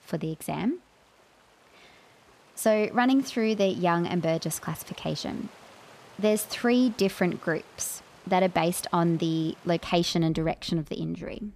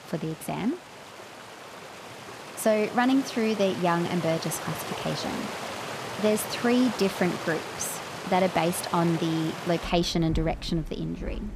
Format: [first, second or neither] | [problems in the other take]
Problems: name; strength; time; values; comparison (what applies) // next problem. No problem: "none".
first | rain or running water; loud; throughout; 9 dB below the speech; faint in the first